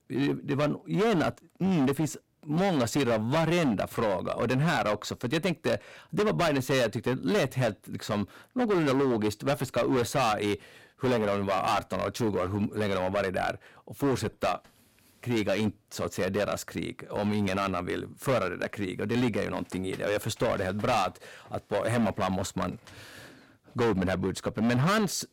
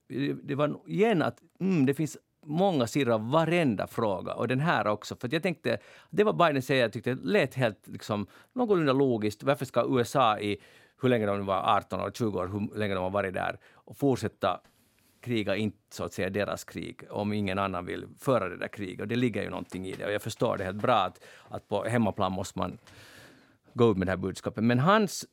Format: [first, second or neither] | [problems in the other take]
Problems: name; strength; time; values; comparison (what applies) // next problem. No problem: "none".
second | distortion; heavy; 13% of the sound clipped